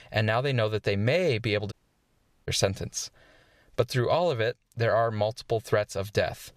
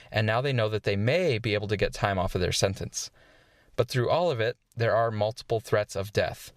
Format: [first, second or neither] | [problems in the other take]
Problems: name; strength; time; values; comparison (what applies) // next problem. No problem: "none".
second | audio cutting out; at 1.5 s for 1 s